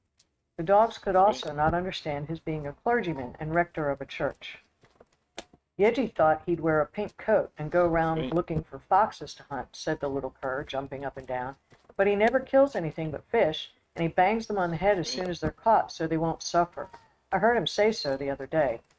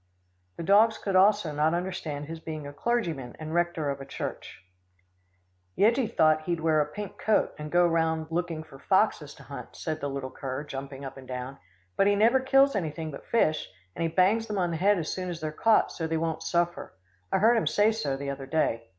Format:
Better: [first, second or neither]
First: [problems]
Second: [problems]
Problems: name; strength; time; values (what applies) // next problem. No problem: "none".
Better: second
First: noise reduction (neural mask model RNNoise)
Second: none